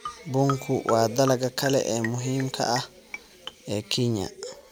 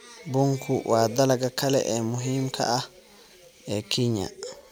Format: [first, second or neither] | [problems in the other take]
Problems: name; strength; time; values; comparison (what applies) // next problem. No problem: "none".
second | background sound (Marimba, xylophone); 12 dB below the speech